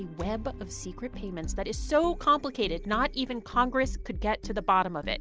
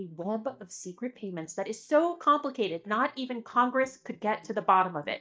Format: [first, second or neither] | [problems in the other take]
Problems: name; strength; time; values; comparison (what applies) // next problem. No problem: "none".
first | noise reduction (neural mask model DeepFilterNet 3)